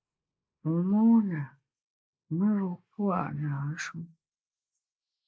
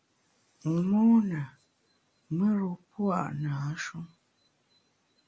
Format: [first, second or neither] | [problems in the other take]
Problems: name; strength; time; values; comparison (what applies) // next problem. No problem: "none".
second | noise reduction (neural mask model Resemble Enhance denoiser)